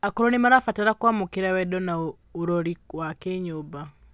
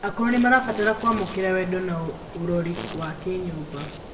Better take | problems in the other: first | background sound (Insect); 13 dB below the speech // room echo; dies away in 0.6 s

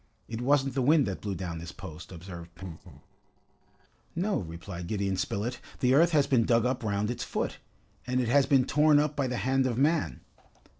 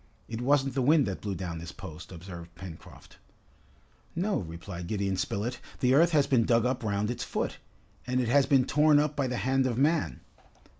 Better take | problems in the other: second | noise reduction (neural separator model SepFormer DNS4)

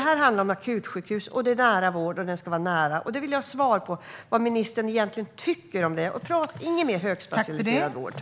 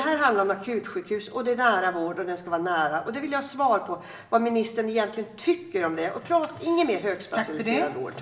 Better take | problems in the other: first | room echo; dies away in 0.8 s

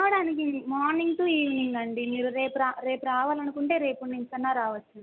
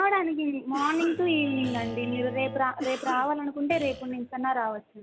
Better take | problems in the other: first | background sound (Bowed string instrument + Cough); 11 dB below the speech

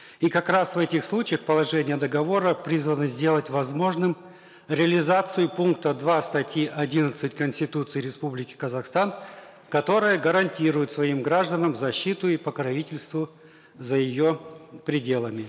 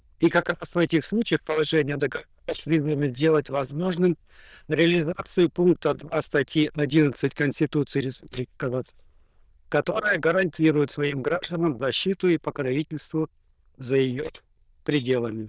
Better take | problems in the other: first | noise reduction (neural diffusion model UNIVERSE++)

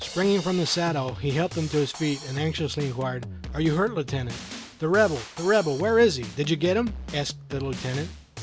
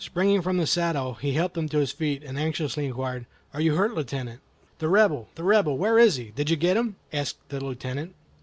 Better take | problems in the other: second | background sound (Drum kit); 12 dB below the speech

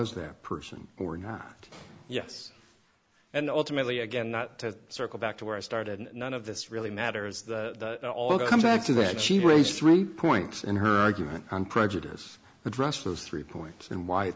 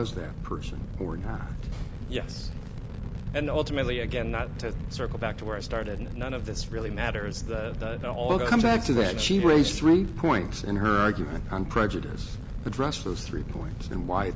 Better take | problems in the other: first | background sound (Fire); 5 dB below the speech

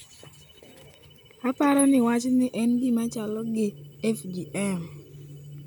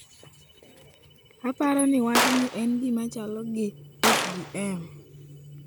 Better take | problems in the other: first | background sound (Gunshot, gunfire); 1 dB below the speech

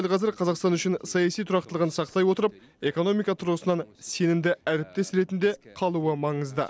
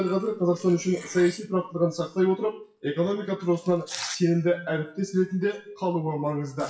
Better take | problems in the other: first | noise reduction (classical method WPE with log-MMSE)

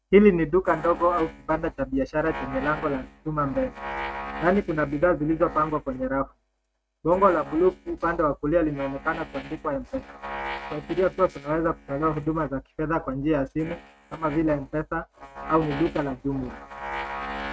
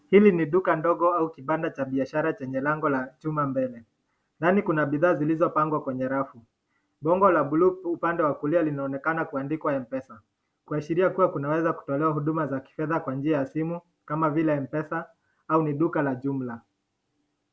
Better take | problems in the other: second | noise reduction (neural mask model RNNoise)

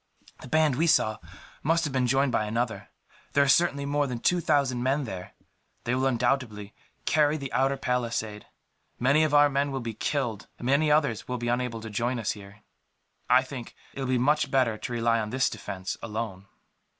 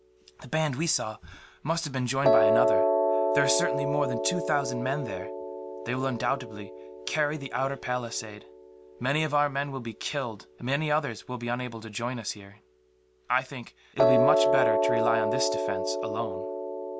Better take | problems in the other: first | background sound (Piano); 1 dB above the speech

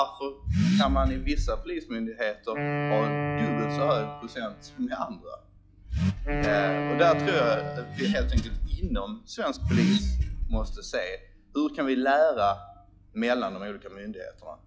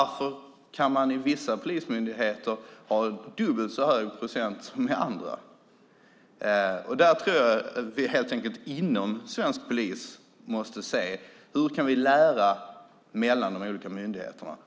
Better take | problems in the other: second | noise reduction (classical method log-MMSE)

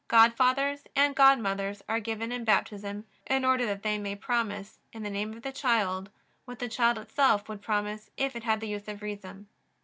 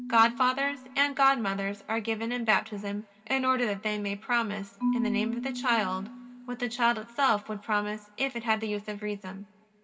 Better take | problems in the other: first | background sound (Marimba, xylophone / Wood); 10 dB below the speech // room echo; dies away in 1.9 s

